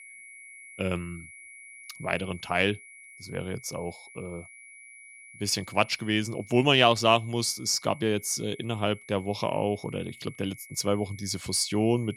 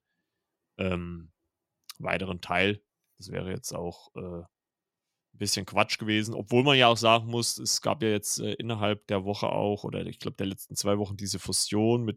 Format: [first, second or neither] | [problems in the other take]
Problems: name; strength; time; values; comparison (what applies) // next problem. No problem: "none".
second | high-pitched whine; noticeable; throughout; 2 kHz, 20 dB below the speech